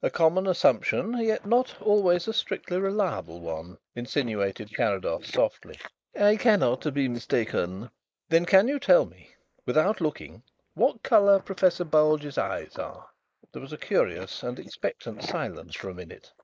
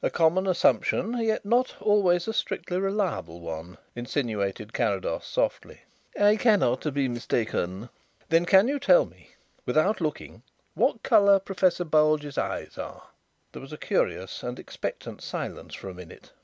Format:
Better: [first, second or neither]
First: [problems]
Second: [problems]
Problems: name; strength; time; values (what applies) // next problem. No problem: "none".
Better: second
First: noise reduction (neural mask model Resemble Enhance denoiser)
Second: none